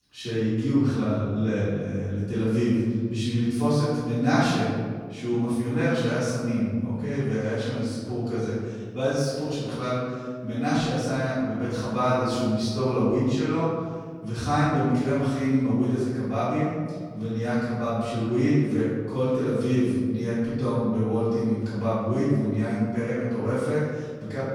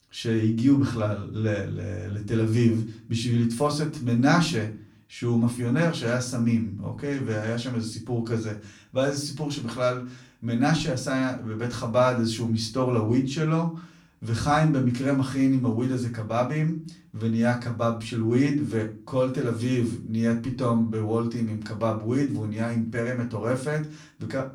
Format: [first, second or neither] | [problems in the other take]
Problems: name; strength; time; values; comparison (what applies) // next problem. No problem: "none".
second | room echo; strong; dies away in 1.6 s; slight in the second // off-mic speech; far; far in the second